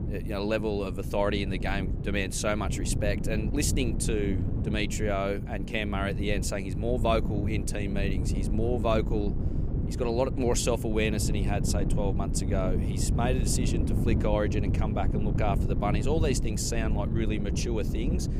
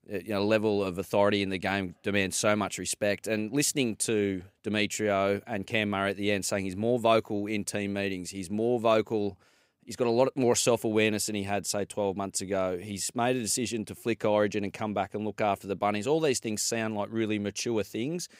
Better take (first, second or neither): second